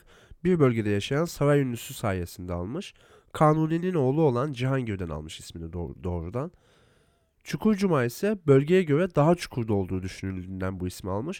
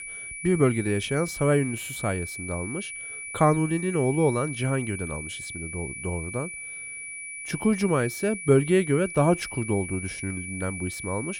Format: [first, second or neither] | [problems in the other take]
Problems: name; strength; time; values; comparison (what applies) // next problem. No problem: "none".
first | high-pitched whine; loud; throughout; 2.5 kHz, 8 dB below the speech